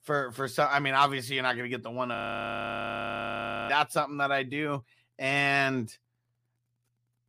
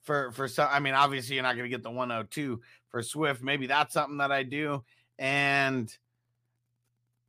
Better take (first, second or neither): second